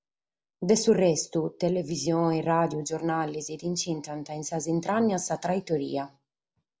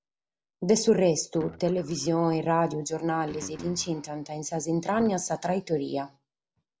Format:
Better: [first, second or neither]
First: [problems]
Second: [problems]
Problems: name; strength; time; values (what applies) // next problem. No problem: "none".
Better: first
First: none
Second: background sound (Guitar); 20 dB below the speech